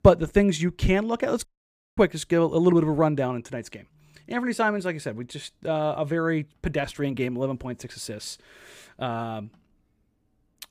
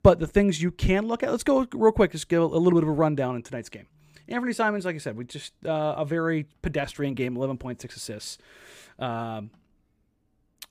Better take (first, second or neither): second